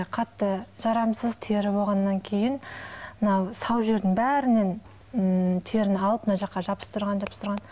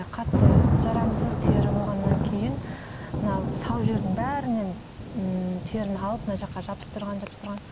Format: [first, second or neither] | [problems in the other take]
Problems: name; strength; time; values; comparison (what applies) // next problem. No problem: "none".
first | background sound (Thunder / Rain); 4 dB above the speech